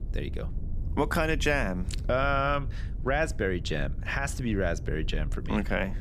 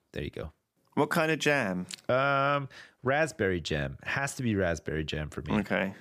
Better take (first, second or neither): second